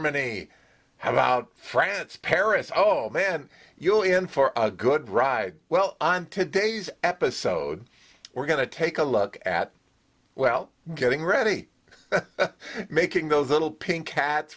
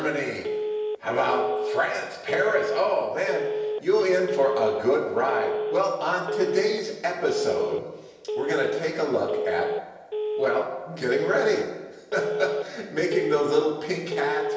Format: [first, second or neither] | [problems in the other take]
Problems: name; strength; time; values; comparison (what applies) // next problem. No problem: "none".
first | background sound (Telephone); 4 dB below the speech // room echo; dies away in 1 s